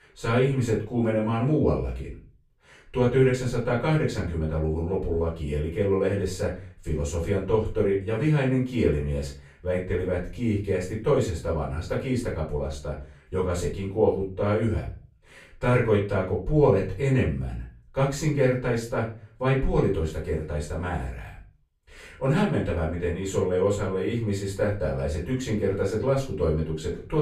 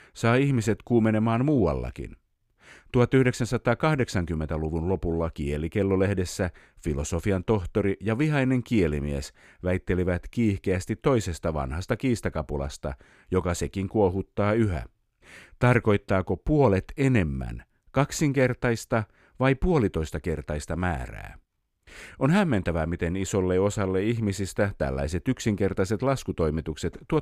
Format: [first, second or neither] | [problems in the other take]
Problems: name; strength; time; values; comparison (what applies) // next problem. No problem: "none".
second | off-mic speech; far // room echo; slight; dies away in 0.3 s